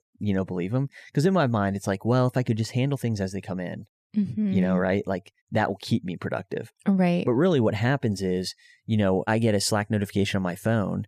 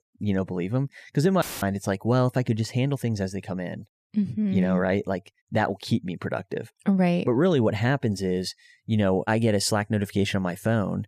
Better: first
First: none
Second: audio cutting out; filled with static; at 1.5 s

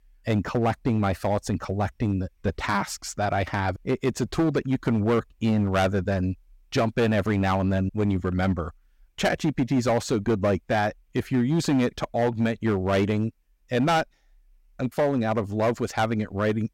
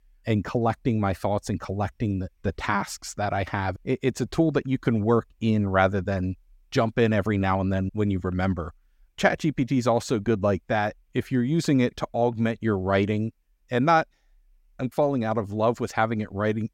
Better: second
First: distortion; slight; 7% of the sound clipped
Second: none

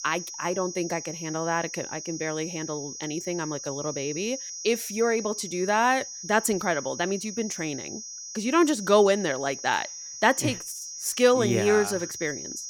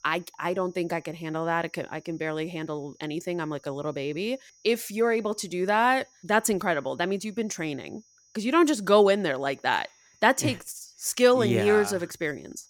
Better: second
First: high-pitched whine; loud; throughout; 6 kHz, 9 dB below the speech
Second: high-pitched whine; faint; throughout; 6 kHz, 30 dB below the speech

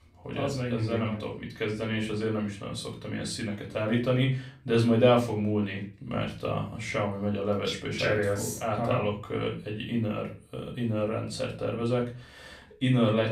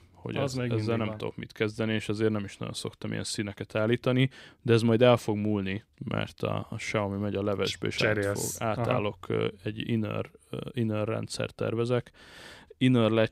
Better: second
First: off-mic speech; far // room echo; slight; dies away in 0.3 s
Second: none

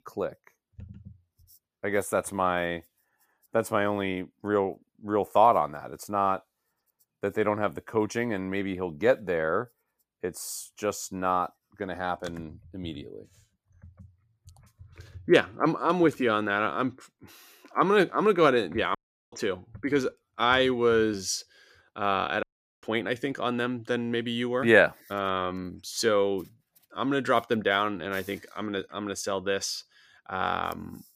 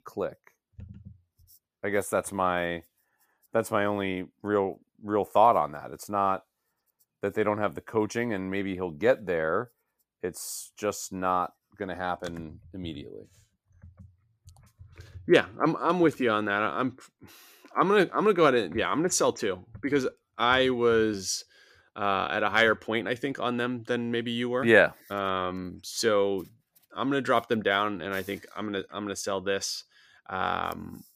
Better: second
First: audio cutting out; at 19 s and at 22 s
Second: none

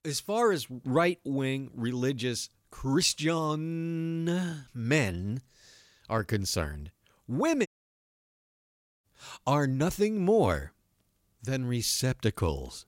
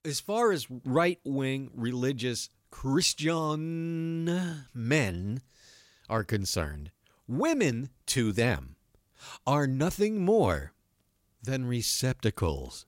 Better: second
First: audio cutting out; at 7.5 s for 1.5 s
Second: none

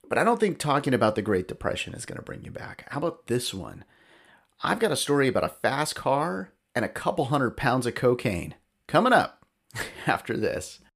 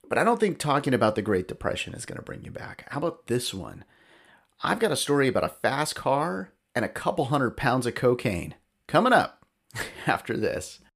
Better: neither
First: none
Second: none

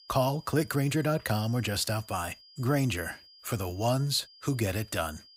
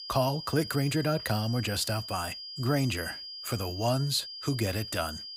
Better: first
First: high-pitched whine; faint; throughout; 5 kHz, 25 dB below the speech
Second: high-pitched whine; loud; throughout; 5 kHz, 8 dB below the speech

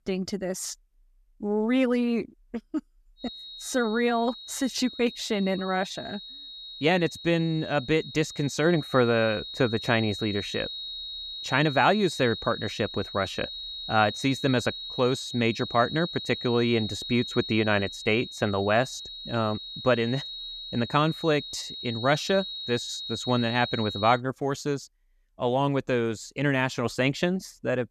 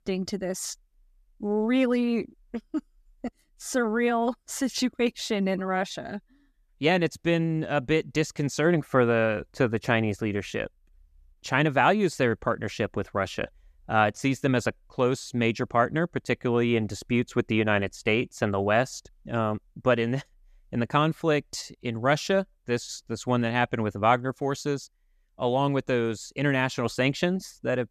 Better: second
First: high-pitched whine; loud; from 3 to 24 s; 4 kHz, 9 dB below the speech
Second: none

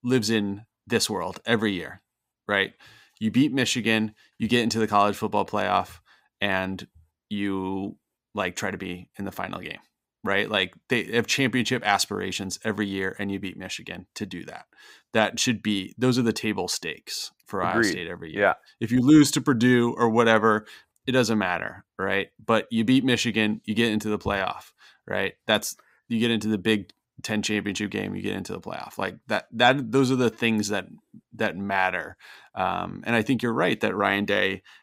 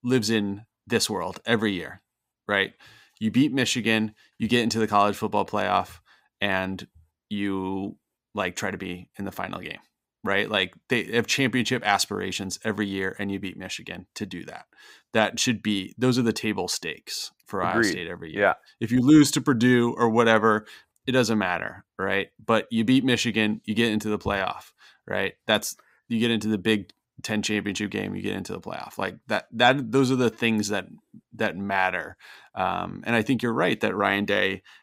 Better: neither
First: none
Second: none

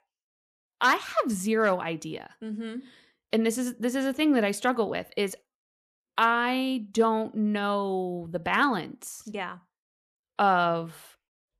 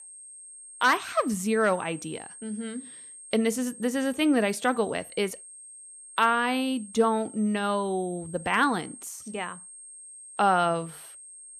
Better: first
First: none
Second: high-pitched whine; noticeable; throughout; 8.5 kHz, 15 dB below the speech

